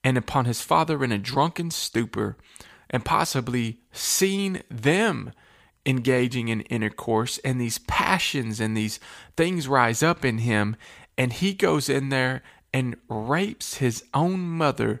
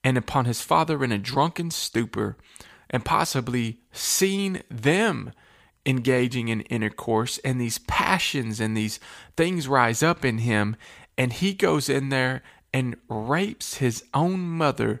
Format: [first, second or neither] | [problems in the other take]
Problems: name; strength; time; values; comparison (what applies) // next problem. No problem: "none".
neither | none